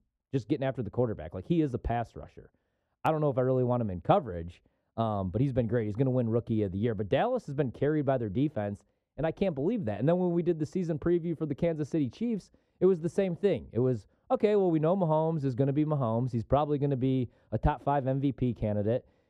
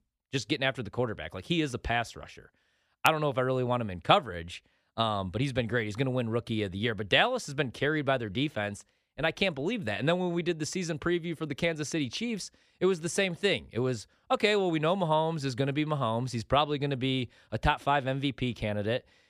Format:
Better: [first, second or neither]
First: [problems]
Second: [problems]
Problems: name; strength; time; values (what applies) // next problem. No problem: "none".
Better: second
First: muffled; very; fading above 1 kHz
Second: none